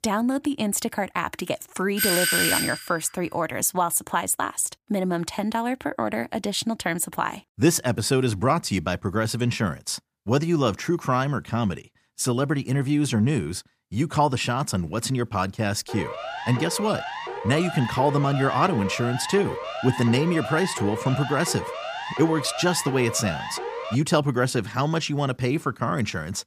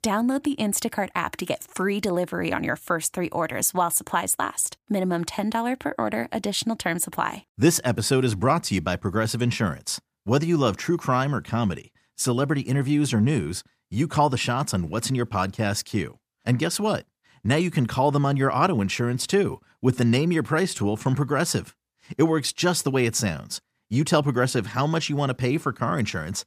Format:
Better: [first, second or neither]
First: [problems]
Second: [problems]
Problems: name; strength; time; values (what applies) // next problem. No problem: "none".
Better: second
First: doorbell; loud; at 2 s; peak 5 dB above the speech // siren; noticeable; from 16 to 24 s; peak 7 dB below the speech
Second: none